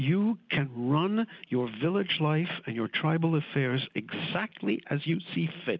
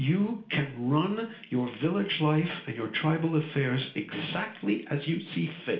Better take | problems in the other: first | room echo; dies away in 0.4 s

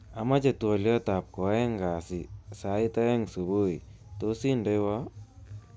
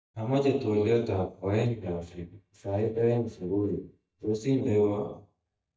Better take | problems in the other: first | noise reduction (neural mask model DeepFilterNet 3)

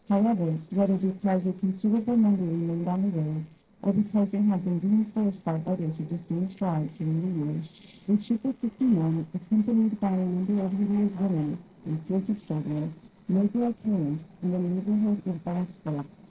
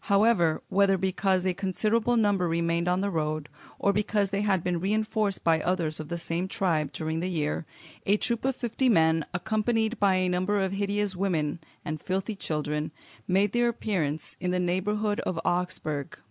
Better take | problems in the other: second | noise reduction (neural separator model SepFormer DNS4)

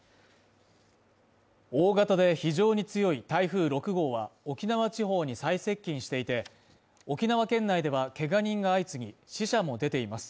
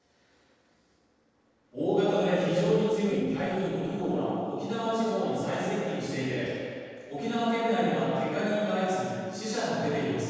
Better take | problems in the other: first | noise reduction (neural separator model SepFormer DNS4)

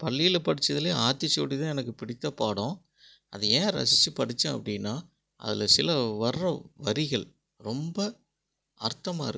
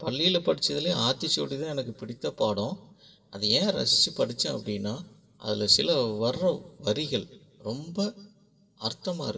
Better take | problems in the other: first | room echo; dies away in 1.6 s

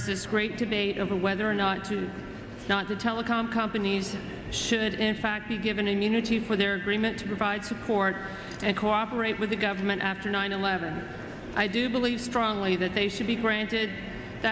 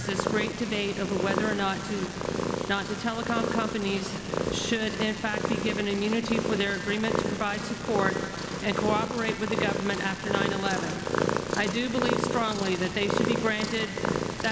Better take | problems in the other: first | background sound (Purr); 1 dB below the speech

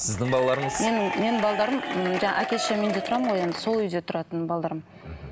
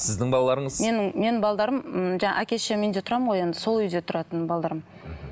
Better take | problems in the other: second | background sound (Applause / Crowd / Cheering); 5 dB below the speech

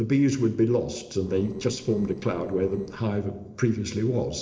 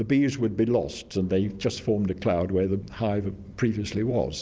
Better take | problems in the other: second | noise reduction (neural separator model SepFormer DNS4)

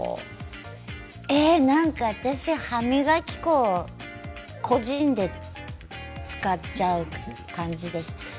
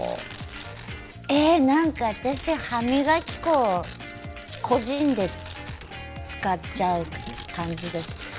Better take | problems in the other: first | background sound (Tearing); 18 dB below the speech

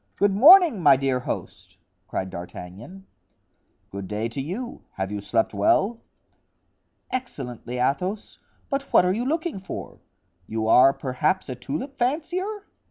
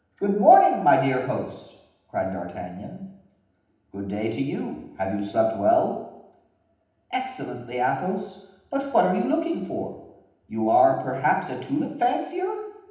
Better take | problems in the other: first | room echo; dies away in 0.9 s

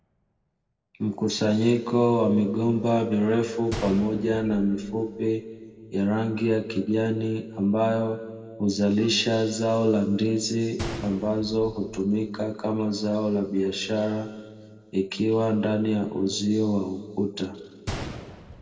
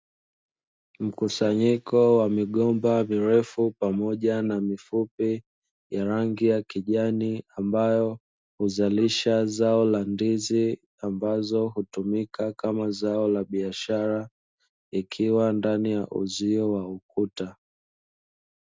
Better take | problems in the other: second | background sound (Gunshot, gunfire); 18 dB below the speech // room echo; dies away in 1.7 s

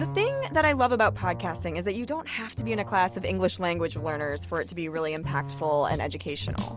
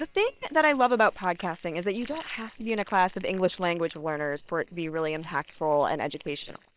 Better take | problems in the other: first | noise reduction (neural separator model SepFormer WHAM!)

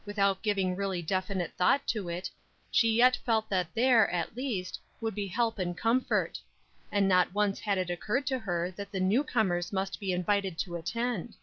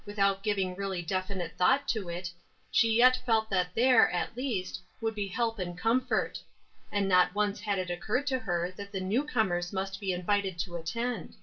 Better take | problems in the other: first | room echo; dies away in 0.2 s

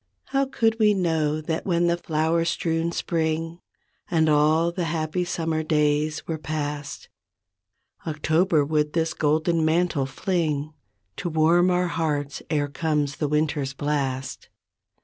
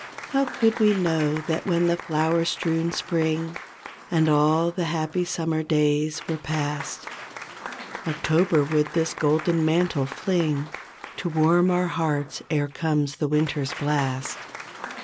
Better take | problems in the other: first | background sound (Applause / Crowd); 14 dB below the speech

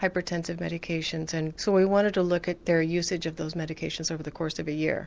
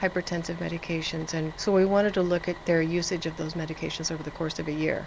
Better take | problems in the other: first | background sound (Bus); 17 dB below the speech

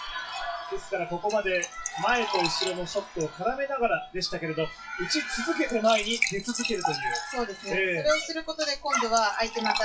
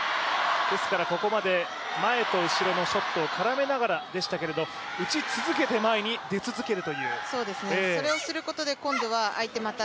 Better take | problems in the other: second | noise reduction (classical method WPE with log-MMSE)

